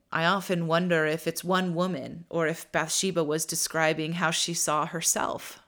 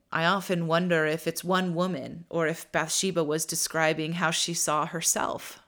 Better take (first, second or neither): neither